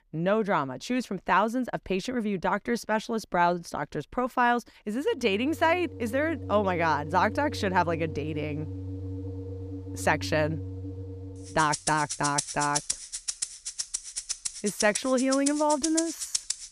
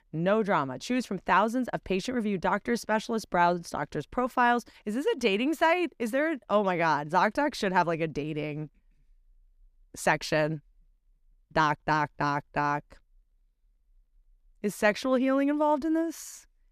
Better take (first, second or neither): second